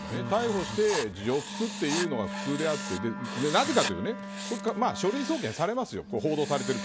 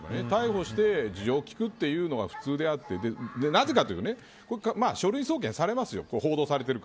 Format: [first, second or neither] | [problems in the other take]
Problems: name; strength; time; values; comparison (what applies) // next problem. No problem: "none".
second | background sound (Wind instrument, woodwind instrument + Writing); 7 dB below the speech